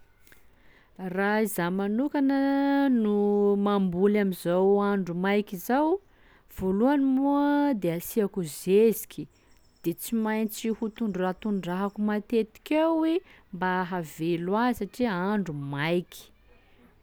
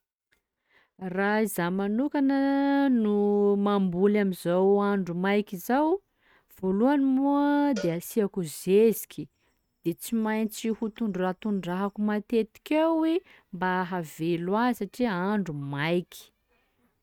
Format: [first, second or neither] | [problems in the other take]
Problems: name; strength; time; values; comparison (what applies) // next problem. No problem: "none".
first | noise reduction (neural mask model RNNoise)